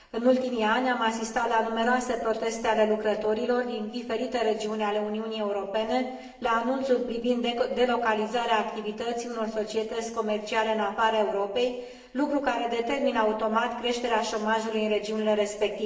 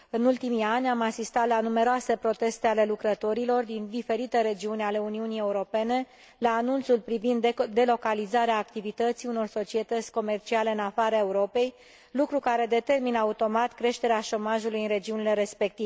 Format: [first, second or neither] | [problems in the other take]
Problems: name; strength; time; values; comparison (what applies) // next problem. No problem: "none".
second | room echo; dies away in 1 s